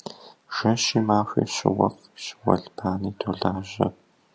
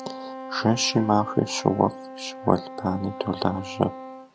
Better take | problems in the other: first | background sound (Wind instrument, woodwind instrument); 12 dB below the speech

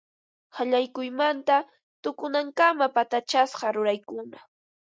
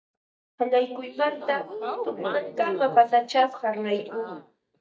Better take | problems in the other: first | noise reduction (neural mask model DeepFilterNet 3)

